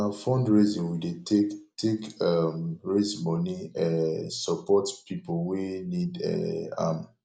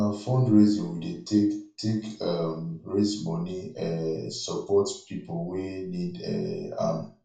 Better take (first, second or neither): first